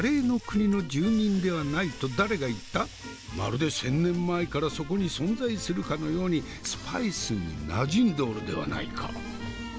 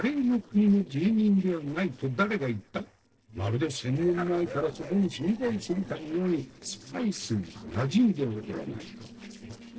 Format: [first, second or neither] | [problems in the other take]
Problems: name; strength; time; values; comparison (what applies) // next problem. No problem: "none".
first | noise reduction (neural separator model SepFormer DNS4)